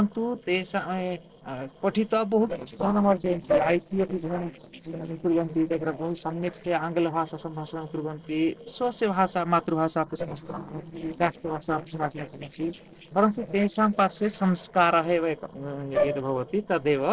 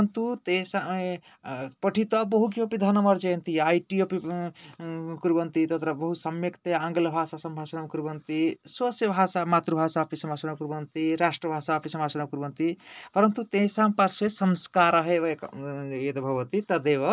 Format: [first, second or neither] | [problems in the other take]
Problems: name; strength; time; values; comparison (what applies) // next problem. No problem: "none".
second | noise reduction (neural separator model SepFormer DNS4)